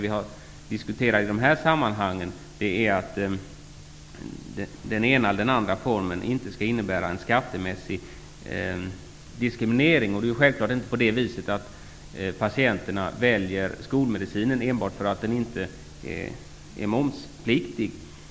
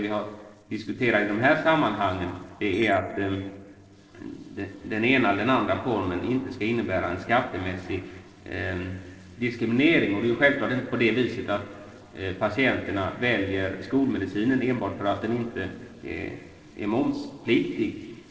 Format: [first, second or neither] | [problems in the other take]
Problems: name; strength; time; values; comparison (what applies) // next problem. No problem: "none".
first | noise reduction (neural separator model SepFormer DNS4)